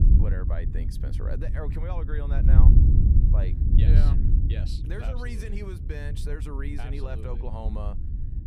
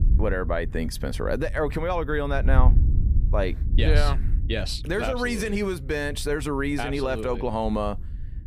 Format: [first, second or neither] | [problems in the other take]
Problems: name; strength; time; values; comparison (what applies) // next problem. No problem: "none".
second | wind noise on the microphone; heavy; 1 dB below the speech; occasional gusts in the second